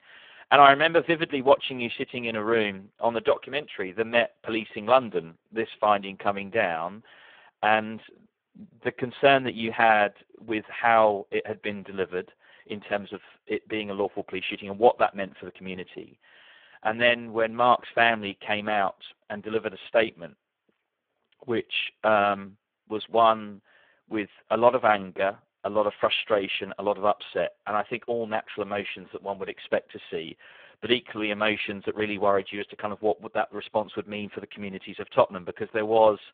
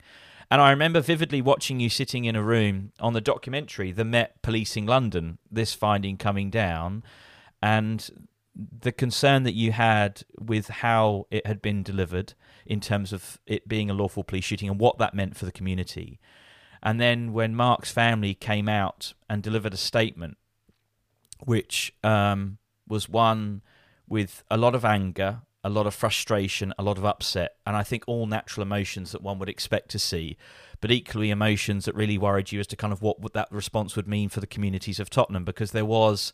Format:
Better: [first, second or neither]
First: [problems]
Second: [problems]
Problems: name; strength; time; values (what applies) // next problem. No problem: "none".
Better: second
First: phone-call audio; poor line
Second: none